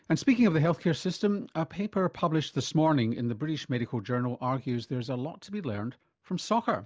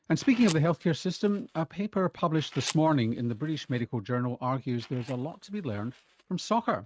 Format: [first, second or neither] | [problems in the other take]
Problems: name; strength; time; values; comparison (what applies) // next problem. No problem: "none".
first | noise reduction (neural mask model RNNoise)